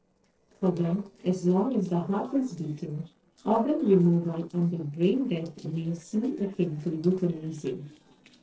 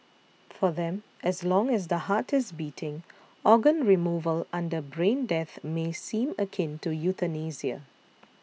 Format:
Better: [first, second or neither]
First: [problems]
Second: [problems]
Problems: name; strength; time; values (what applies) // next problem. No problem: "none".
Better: second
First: noise reduction (neural separator model SepFormer DNS4)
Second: none